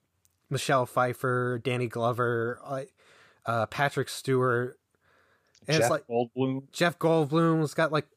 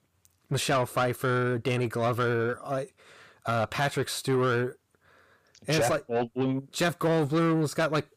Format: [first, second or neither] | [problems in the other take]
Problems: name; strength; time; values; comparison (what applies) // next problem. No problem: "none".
first | distortion; slight; 10 dB below the speech